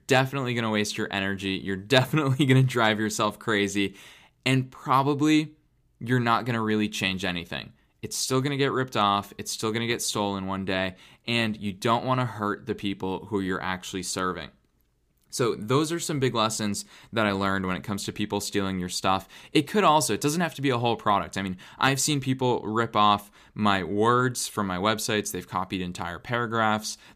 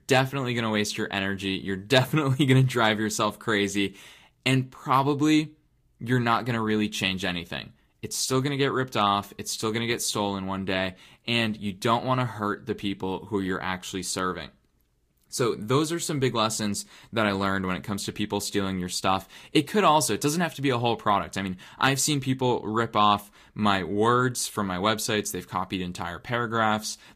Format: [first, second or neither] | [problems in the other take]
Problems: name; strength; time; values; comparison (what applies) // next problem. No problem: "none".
first | garbled, watery; slightly; nothing above 15 kHz